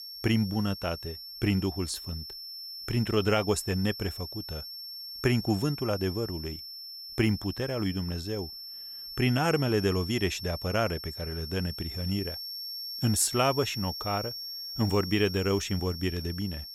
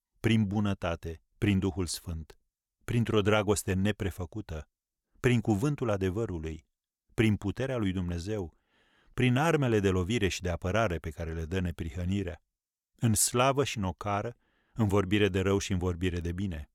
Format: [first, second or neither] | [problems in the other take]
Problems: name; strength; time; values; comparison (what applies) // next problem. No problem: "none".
second | high-pitched whine; loud; throughout; 5.5 kHz, 8 dB below the speech